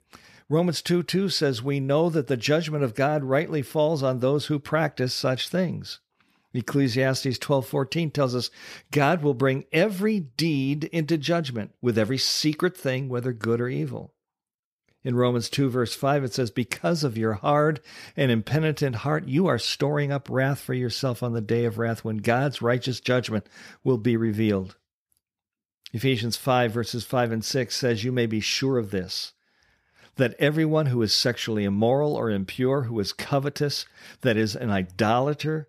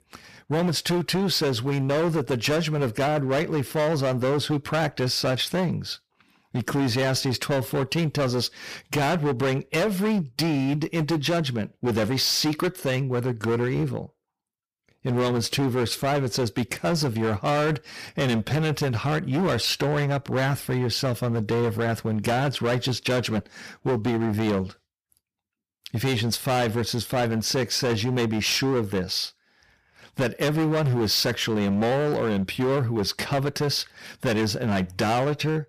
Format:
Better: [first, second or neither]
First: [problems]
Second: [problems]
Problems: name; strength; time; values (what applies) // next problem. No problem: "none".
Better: first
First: none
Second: distortion; heavy; 20% of the sound clipped